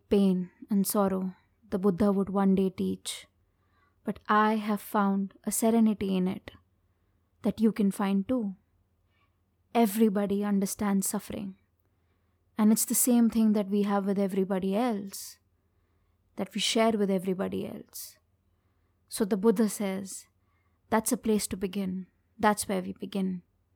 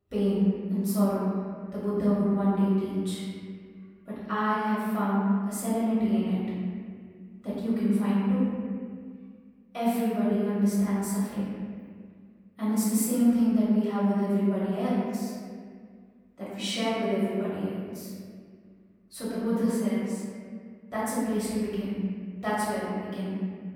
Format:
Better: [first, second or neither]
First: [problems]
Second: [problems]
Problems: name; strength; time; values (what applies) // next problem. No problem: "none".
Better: first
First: none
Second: room echo; strong; dies away in 1.9 s // off-mic speech; far